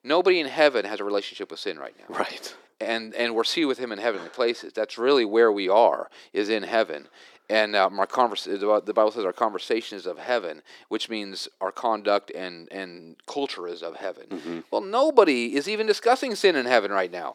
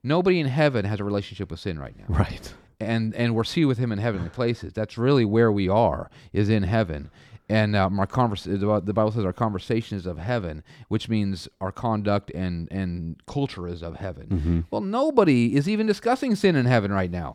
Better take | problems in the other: second | thin; very; fading below 350 Hz

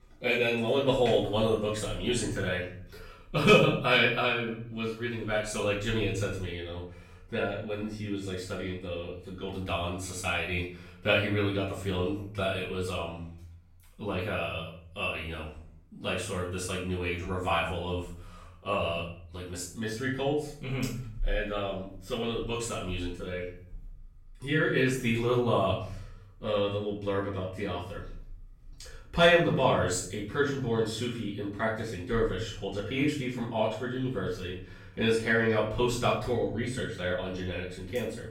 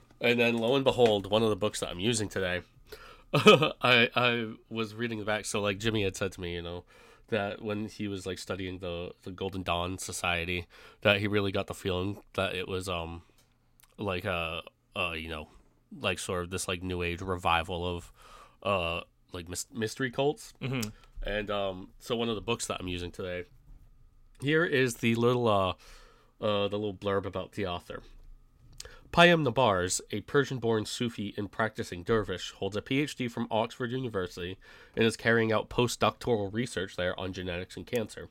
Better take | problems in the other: second | off-mic speech; far // room echo; noticeable; dies away in 0.6 s

